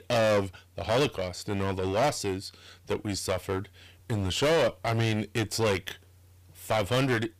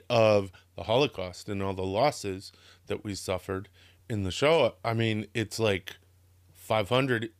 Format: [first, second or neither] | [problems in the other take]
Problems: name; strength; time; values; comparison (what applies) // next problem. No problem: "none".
second | distortion; heavy; 12% of the sound clipped